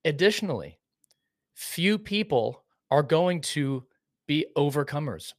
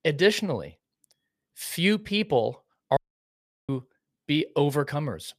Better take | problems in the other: first | audio cutting out; at 3 s for 0.5 s

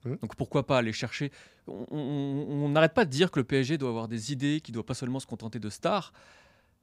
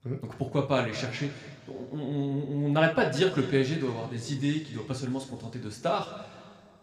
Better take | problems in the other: first | room echo; slight; dies away in 1.9 s

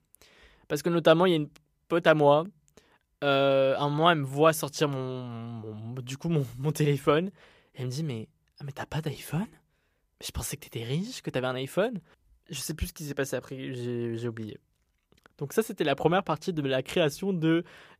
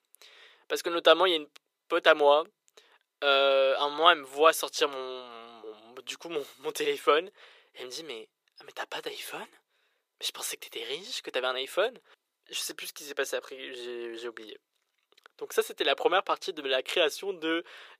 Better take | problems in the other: first | thin; very; fading below 400 Hz

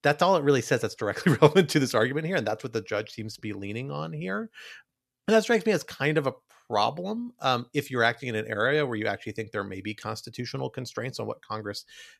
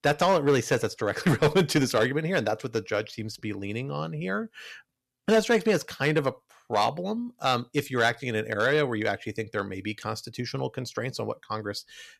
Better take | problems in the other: first | distortion; slight; 2% of the sound clipped

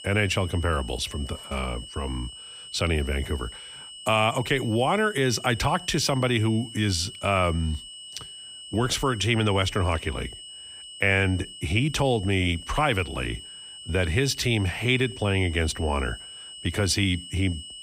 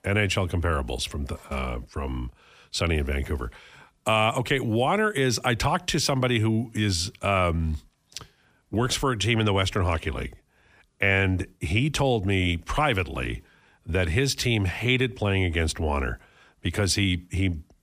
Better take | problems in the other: second | high-pitched whine; noticeable; throughout; 3 kHz, 15 dB below the speech

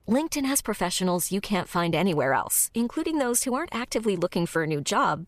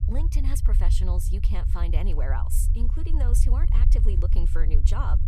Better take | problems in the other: first | low rumble; loud; throughout; 5 dB below the speech

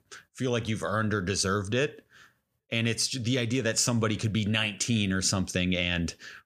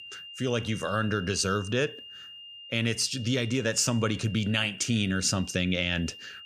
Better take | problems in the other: first | high-pitched whine; noticeable; throughout; 3 kHz, 15 dB below the speech

